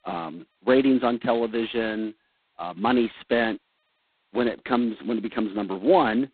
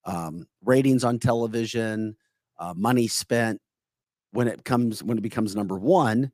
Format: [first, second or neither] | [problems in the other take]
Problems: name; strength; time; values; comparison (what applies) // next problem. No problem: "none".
second | phone-call audio; poor line; nothing above 4 kHz